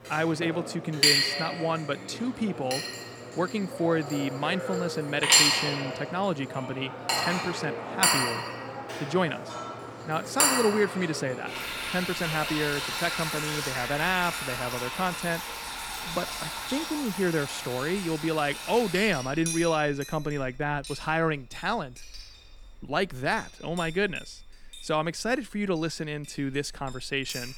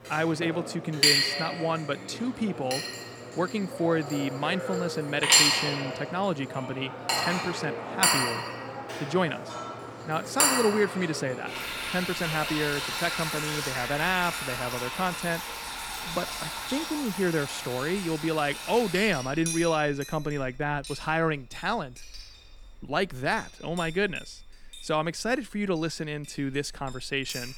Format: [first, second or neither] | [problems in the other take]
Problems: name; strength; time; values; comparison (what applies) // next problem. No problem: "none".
neither | household noises; very loud; throughout; 1 dB above the speech; the same in both